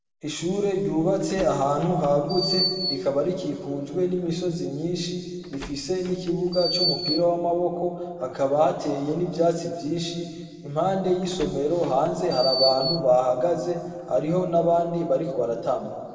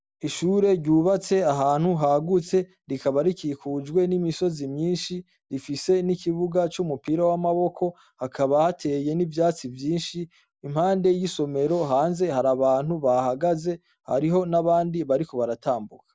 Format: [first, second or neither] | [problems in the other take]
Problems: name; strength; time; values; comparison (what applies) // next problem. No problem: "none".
second | background sound (Door); 9 dB below the speech // room echo; dies away in 2 s